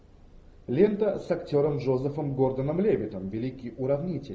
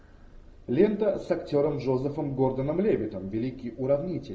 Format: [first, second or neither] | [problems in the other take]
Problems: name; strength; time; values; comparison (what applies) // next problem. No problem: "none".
first | room echo; dies away in 0.3 s